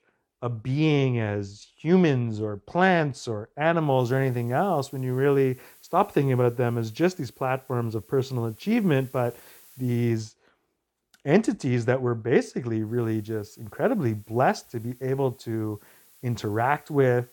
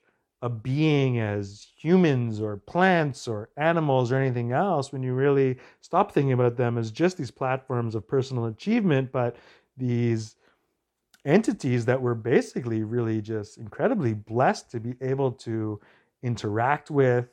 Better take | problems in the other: second | hiss; faint; from 4 to 10 s and from 13 s on; 25 dB below the speech

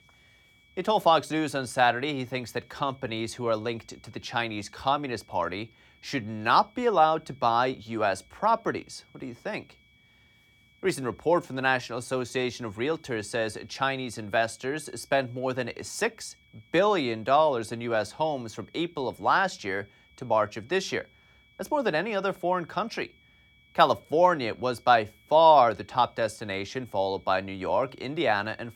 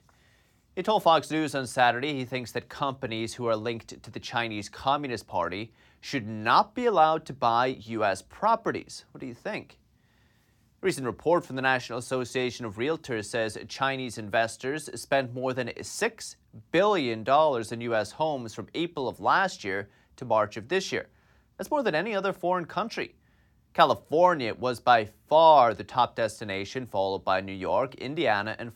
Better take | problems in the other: second | high-pitched whine; faint; throughout; 2.5 kHz, 35 dB below the speech

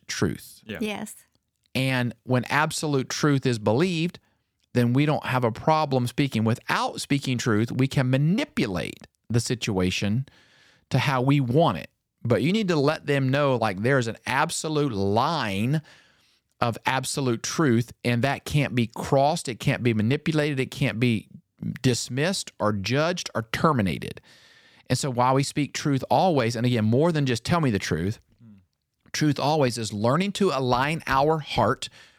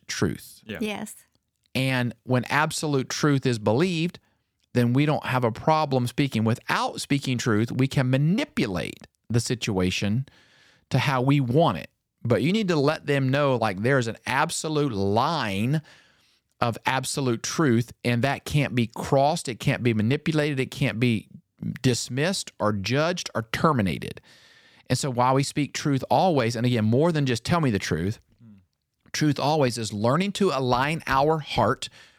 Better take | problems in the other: neither | none

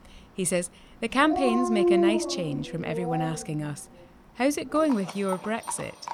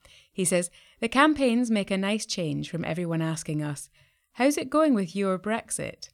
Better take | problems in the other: second | animal sounds; loud; throughout; 2 dB below the speech

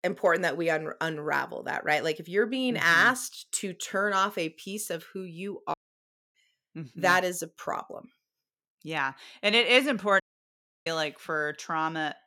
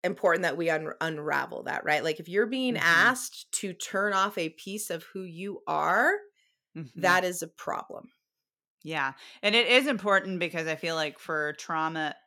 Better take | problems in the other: second | audio cutting out; at 5.5 s for 0.5 s and at 10 s for 0.5 s

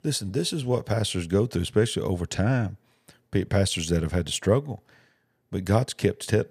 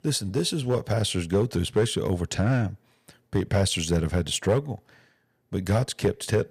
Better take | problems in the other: first | distortion; slight; 2% of the sound clipped

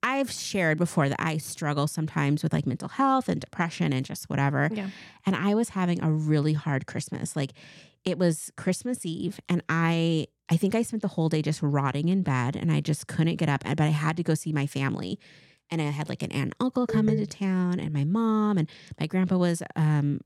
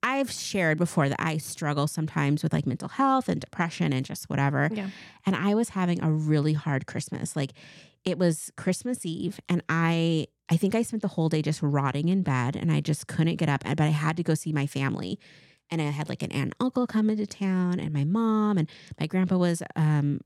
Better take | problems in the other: second | phone ringing; noticeable; at 17 s; peak 3 dB below the speech

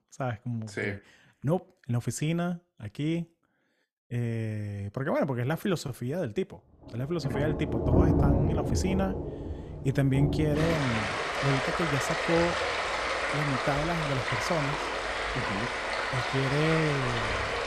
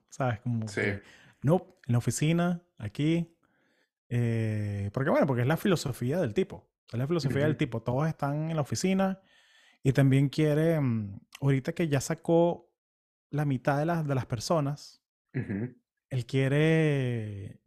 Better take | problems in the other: second | rain or running water; very loud; from 7.5 s on; 2 dB above the speech

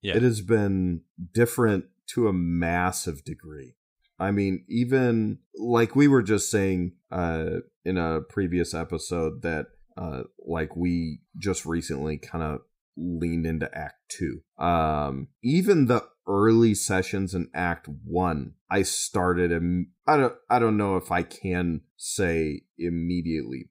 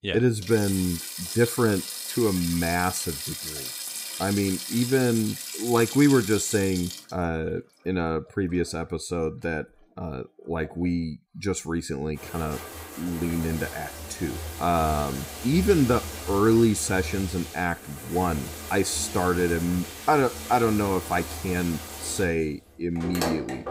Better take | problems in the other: first | household noises; loud; throughout; 8 dB below the speech

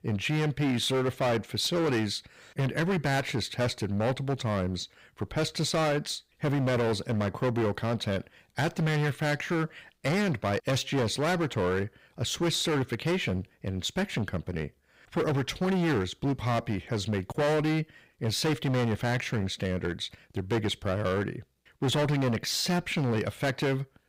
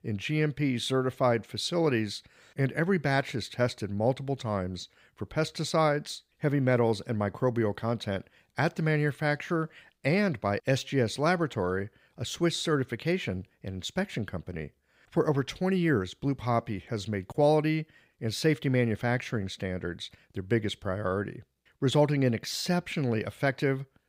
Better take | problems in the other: second | distortion; heavy; 17% of the sound clipped

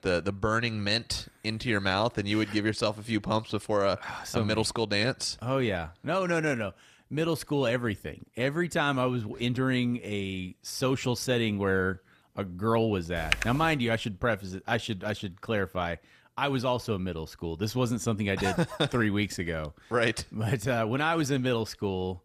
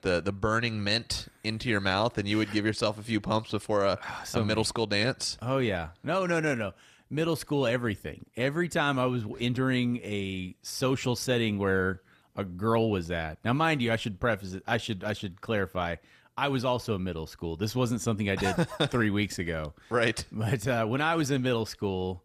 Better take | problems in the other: second | keyboard typing; noticeable; at 13 s; peak level with the speech

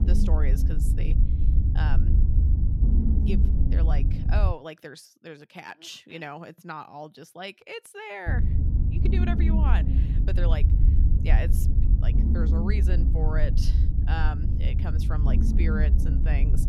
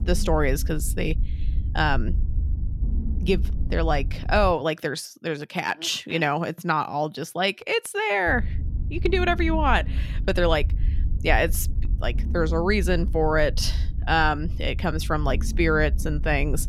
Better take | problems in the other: second | low rumble; loud; until 4.5 s and from 8.5 s on; 2 dB below the speech; faint in the second

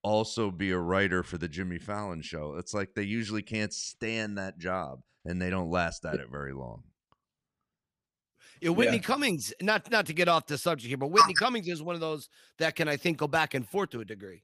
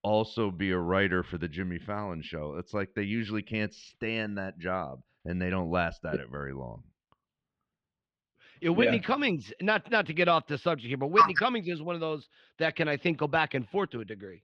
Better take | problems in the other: first | muffled; slightly; fading above 3.5 kHz

